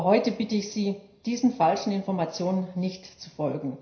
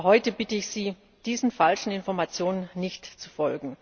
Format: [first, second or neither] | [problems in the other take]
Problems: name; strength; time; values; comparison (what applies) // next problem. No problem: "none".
second | room echo; dies away in 0.5 s